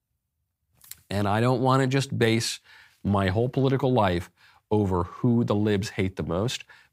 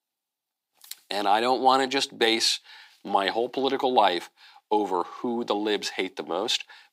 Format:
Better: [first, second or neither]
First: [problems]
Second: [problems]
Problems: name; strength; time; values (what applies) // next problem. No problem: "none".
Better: first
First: none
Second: thin; somewhat; fading below 300 Hz